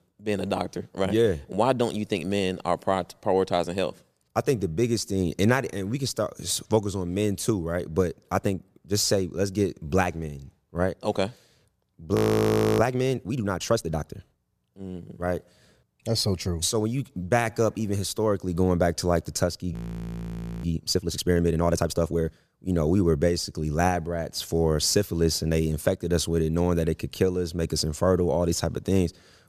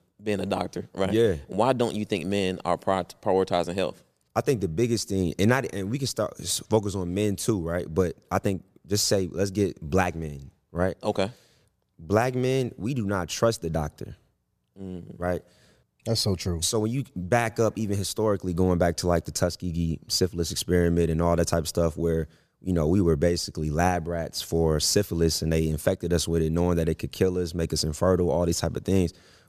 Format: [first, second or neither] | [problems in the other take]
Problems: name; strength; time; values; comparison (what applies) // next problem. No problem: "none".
second | audio freezing; at 12 s for 0.5 s and at 20 s for 1 s